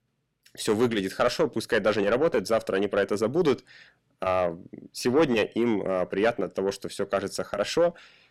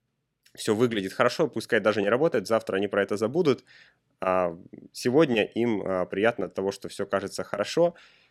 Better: second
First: distortion; slight; 10 dB below the speech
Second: none

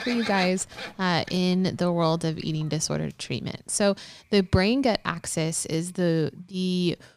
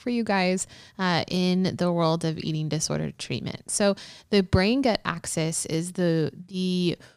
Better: second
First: animal sounds; noticeable; throughout; 10 dB below the speech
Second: none

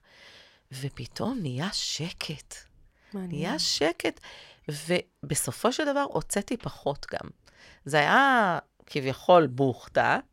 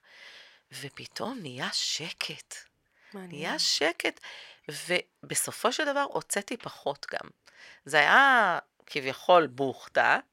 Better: first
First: none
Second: thin; somewhat; fading below 500 Hz

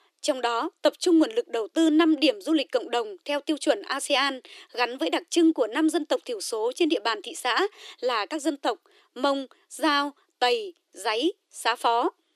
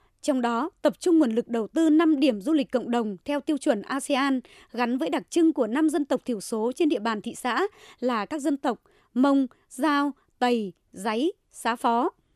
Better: second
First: thin; somewhat; fading below 300 Hz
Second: none

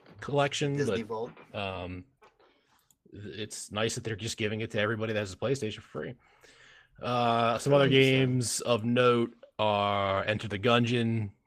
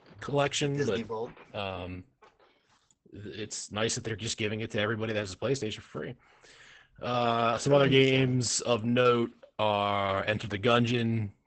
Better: first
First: garbled, watery; slightly; nothing above 14.5 kHz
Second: garbled, watery; badly; nothing above 8 kHz

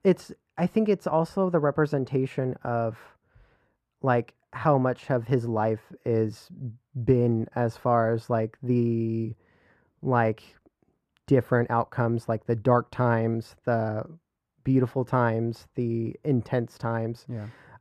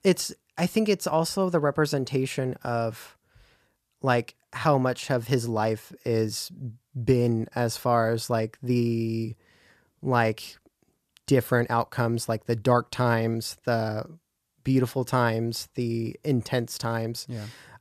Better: second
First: muffled; very; fading above 2.5 kHz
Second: none

